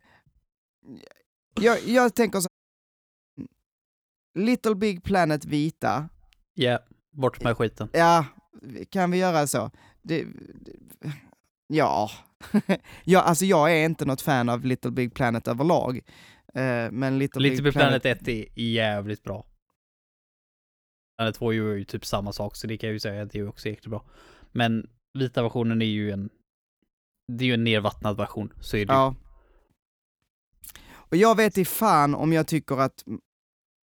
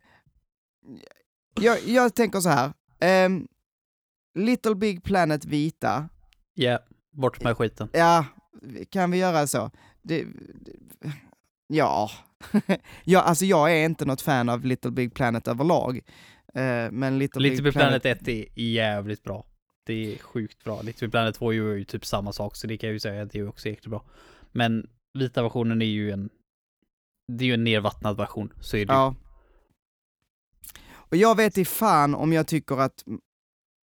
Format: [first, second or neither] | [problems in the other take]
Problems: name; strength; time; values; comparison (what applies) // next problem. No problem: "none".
second | audio cutting out; at 2.5 s for 1 s and at 20 s for 1.5 s